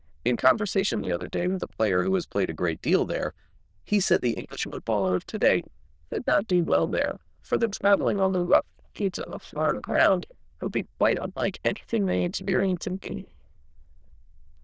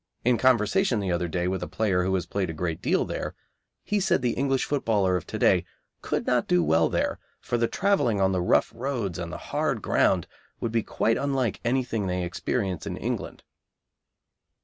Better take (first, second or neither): second